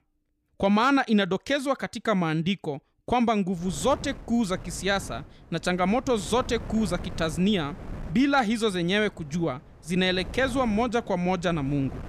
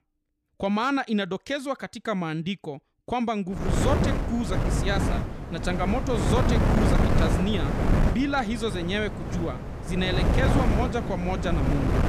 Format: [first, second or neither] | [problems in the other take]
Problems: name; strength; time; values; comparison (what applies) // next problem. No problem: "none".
first | wind noise on the microphone; heavy; from 3.5 s on; 2 dB below the speech; occasional gusts in the first